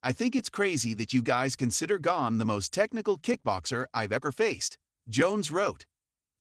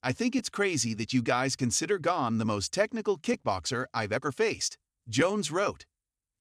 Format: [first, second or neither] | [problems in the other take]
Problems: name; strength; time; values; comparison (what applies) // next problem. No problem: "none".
second | garbled, watery; slightly; nothing above 14 kHz